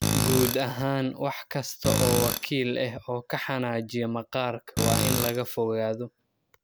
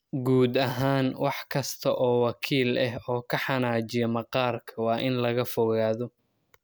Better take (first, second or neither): second